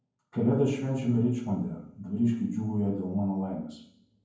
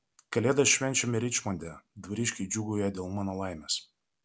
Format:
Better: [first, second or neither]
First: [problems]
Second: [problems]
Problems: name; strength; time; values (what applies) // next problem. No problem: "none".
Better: second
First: room echo; dies away in 0.9 s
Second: none